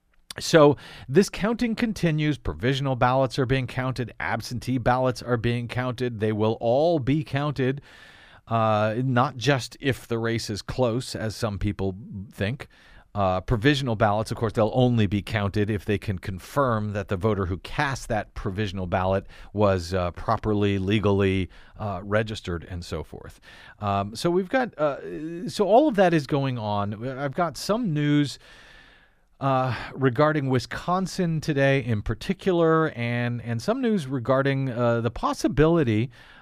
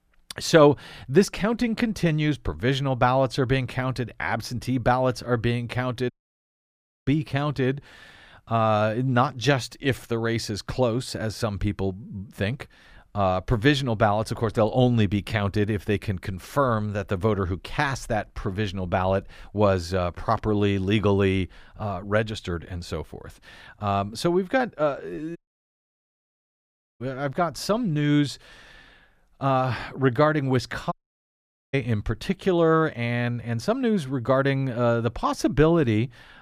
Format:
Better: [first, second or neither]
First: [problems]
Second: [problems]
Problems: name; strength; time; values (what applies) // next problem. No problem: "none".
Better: first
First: none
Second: audio cutting out; at 6 s for 1 s, at 25 s for 1.5 s and at 31 s for 1 s